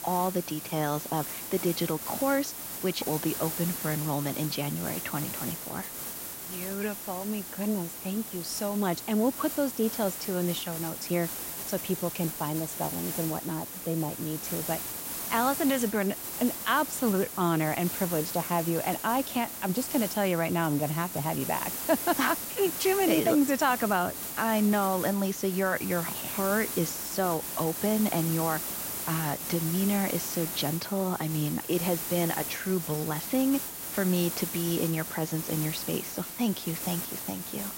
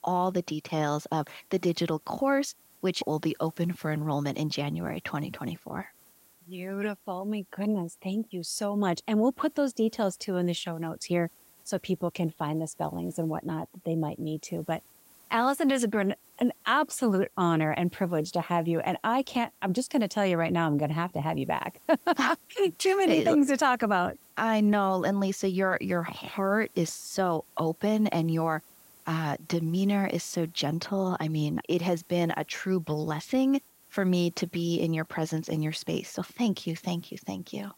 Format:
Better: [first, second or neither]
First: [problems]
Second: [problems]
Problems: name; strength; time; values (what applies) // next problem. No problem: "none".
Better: second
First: hiss; loud; throughout; 4 dB below the speech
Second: hiss; faint; throughout; 25 dB below the speech